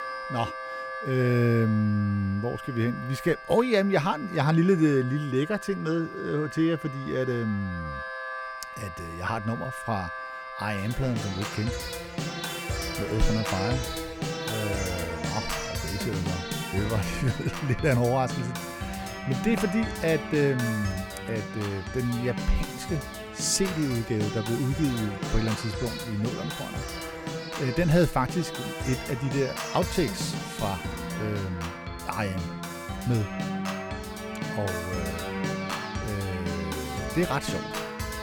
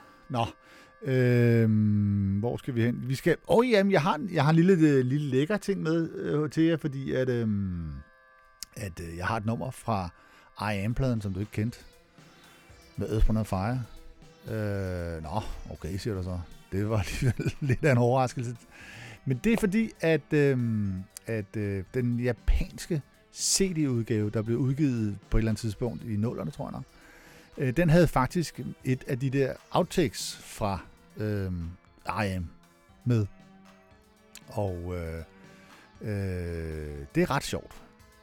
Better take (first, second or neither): second